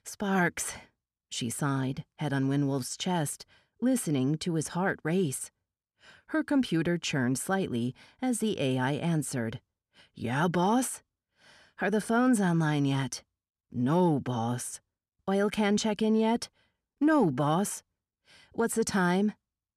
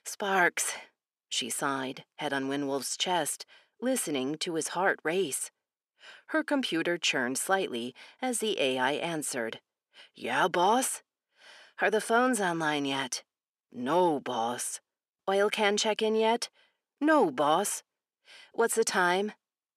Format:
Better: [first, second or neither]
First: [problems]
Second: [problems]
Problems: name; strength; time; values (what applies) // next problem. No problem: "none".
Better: first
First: none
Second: thin; somewhat; fading below 450 Hz